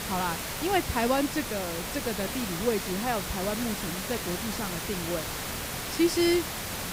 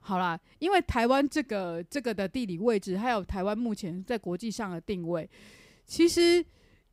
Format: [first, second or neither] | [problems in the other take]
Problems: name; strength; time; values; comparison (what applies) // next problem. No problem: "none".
second | hiss; loud; throughout; 3 dB below the speech